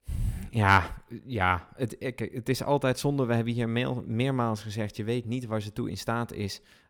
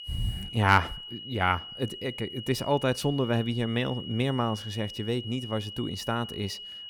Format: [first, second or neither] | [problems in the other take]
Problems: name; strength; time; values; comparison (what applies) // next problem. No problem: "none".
first | high-pitched whine; noticeable; throughout; 3 kHz, 10 dB below the speech